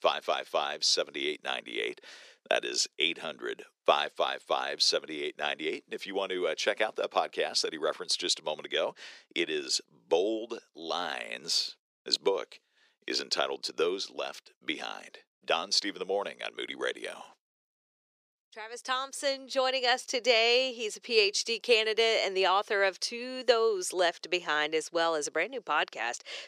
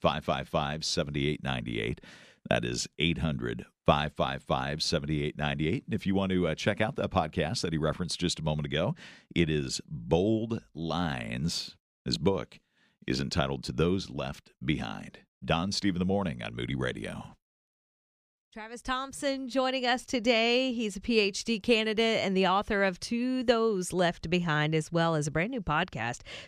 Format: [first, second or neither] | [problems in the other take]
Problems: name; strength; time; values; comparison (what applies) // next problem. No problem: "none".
second | thin; very; fading below 400 Hz